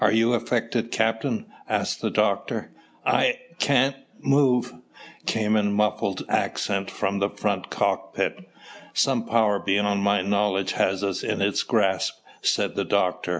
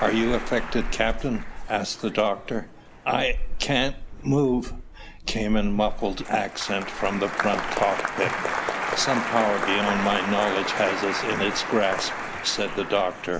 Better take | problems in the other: first | background sound (Applause + Meow / Purr); 3 dB below the speech

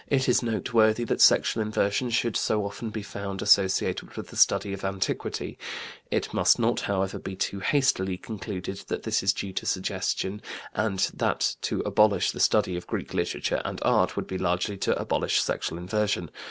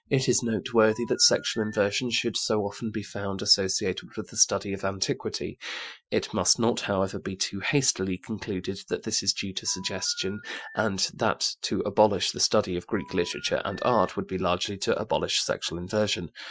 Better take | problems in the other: first | noise reduction (classical method Wiener filter)

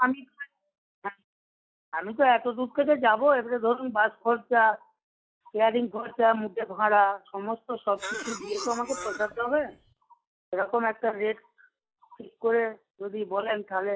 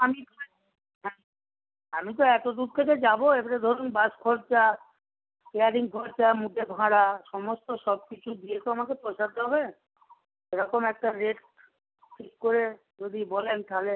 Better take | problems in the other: second | noise reduction (classical method log-MMSE)

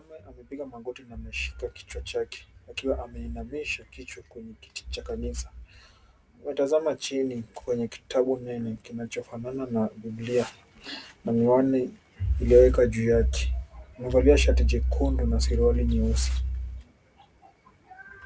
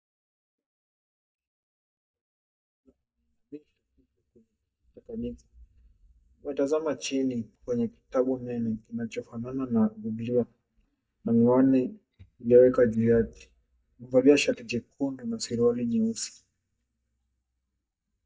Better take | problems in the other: first | noise reduction (neural mask model DeepFilterNet 3)

